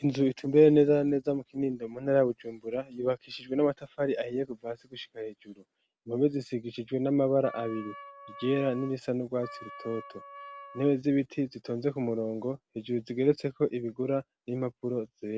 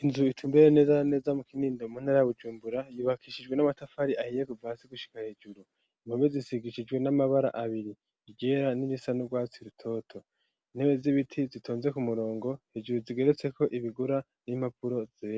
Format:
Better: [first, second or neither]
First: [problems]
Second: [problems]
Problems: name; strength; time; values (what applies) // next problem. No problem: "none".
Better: second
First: background sound (Wind instrument, woodwind instrument); 17 dB below the speech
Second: none